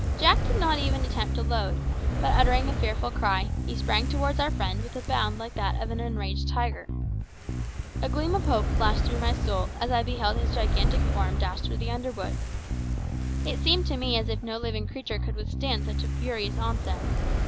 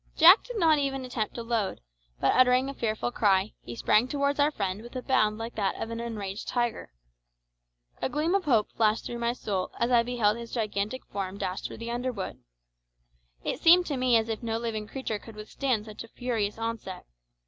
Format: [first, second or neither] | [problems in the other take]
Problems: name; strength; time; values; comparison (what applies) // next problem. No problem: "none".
second | background sound (Bass guitar + Fire); 4 dB above the speech